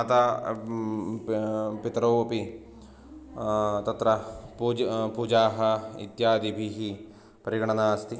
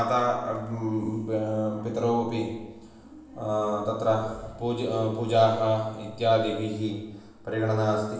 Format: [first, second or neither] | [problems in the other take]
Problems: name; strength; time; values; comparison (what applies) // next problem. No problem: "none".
first | room echo; dies away in 0.9 s